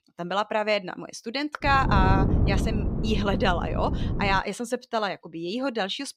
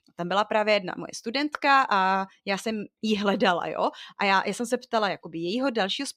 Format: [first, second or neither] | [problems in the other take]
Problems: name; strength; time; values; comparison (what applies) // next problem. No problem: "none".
second | wind noise on the microphone; heavy; from 1.5 to 4.5 s; 9 dB below the speech